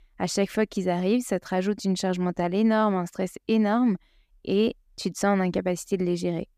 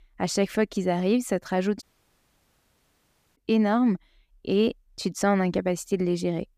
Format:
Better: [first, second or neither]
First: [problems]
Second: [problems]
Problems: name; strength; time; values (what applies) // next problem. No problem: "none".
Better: first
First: none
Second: audio cutting out; at 2 s for 1.5 s